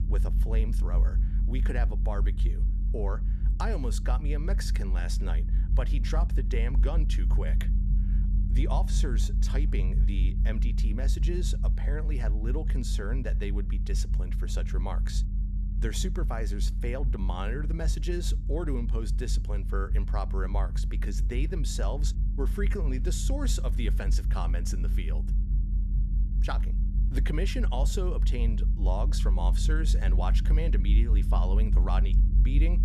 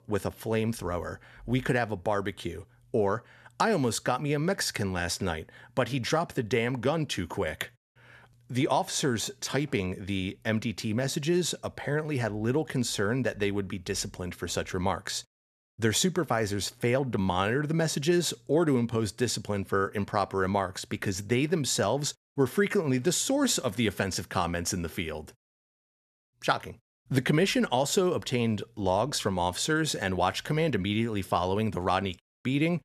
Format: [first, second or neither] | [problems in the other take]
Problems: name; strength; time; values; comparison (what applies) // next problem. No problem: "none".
second | low rumble; loud; throughout; 9 dB below the speech